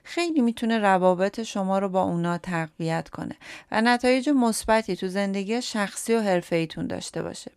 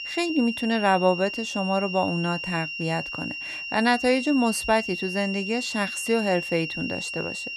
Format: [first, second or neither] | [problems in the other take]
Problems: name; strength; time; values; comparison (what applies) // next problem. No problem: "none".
first | high-pitched whine; loud; throughout; 3 kHz, 6 dB below the speech